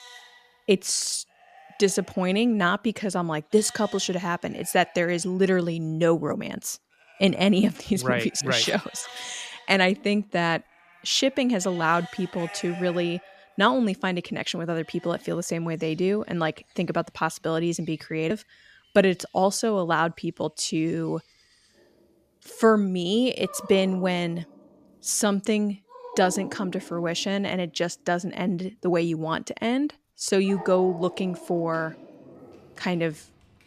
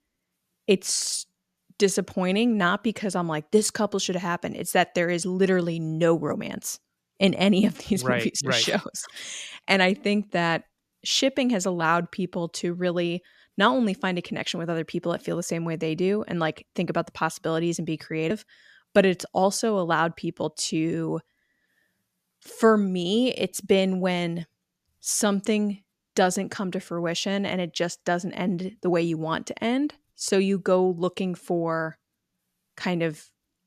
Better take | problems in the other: second | animal sounds; noticeable; throughout; 20 dB below the speech

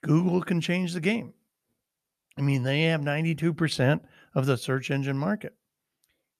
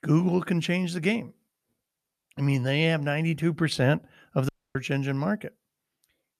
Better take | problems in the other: first | audio cutting out; at 4.5 s

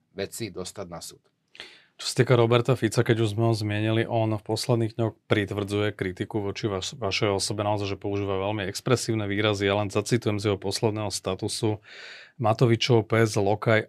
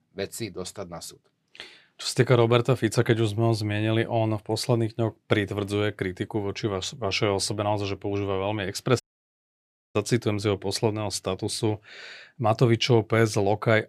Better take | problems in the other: first | audio cutting out; at 9 s for 1 s

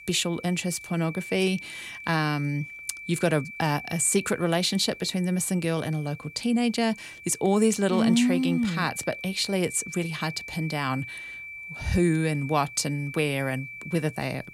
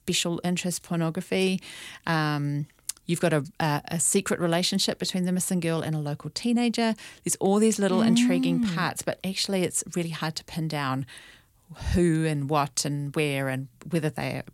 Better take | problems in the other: second | high-pitched whine; noticeable; throughout; 2.5 kHz, 15 dB below the speech

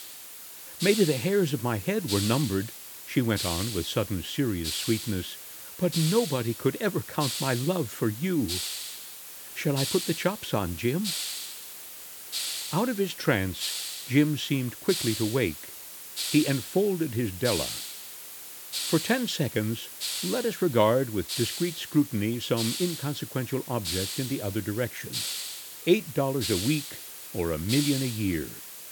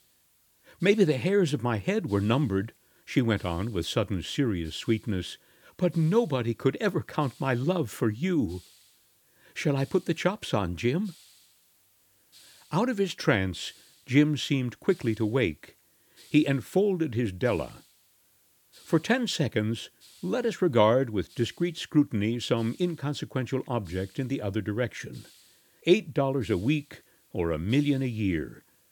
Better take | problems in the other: second | hiss; loud; throughout; 6 dB below the speech; faint in the second

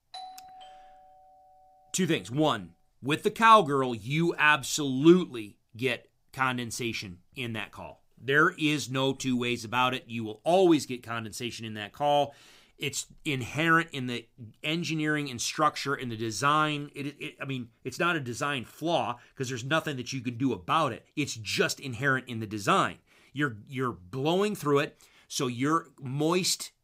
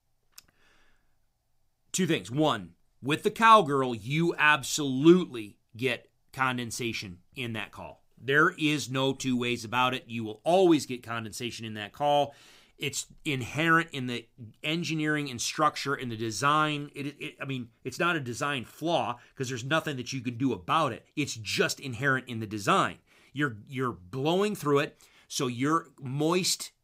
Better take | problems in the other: second | doorbell; faint; until 1.5 s; peak 15 dB below the speech

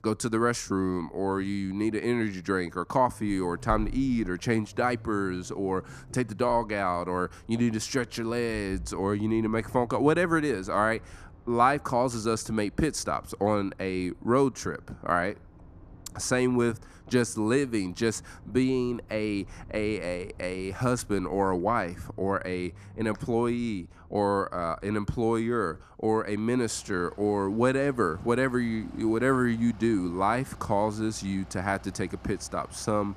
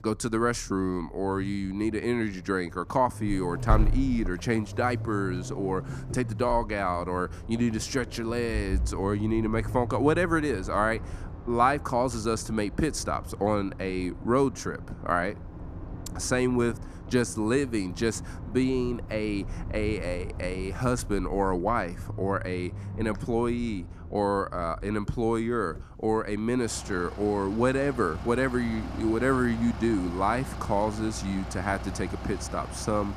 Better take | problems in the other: first | traffic noise; loud; throughout; 10 dB below the speech; faint in the first

